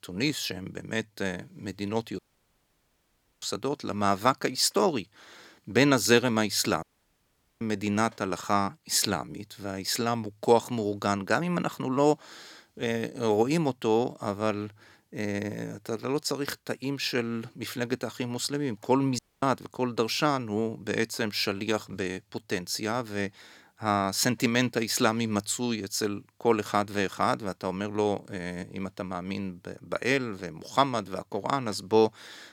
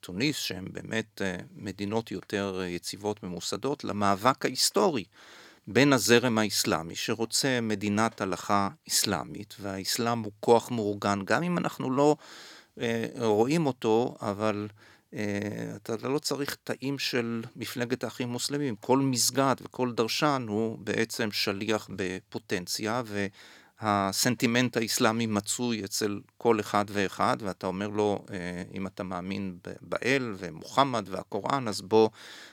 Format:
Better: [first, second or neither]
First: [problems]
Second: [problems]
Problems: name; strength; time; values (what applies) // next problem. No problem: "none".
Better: second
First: audio cutting out; at 2 s for 1 s, at 7 s for 1 s and at 19 s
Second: none